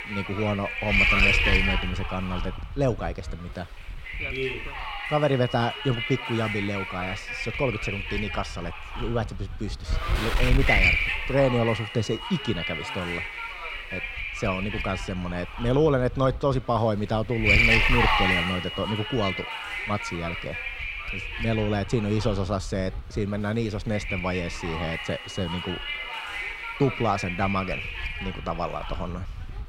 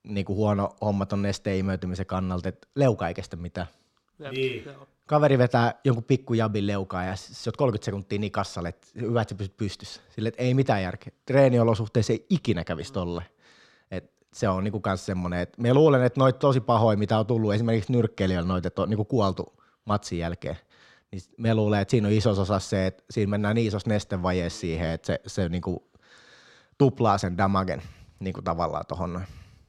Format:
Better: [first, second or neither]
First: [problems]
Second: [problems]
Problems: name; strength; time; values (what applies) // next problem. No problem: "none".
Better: second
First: wind noise on the microphone; heavy; 4 dB above the speech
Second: none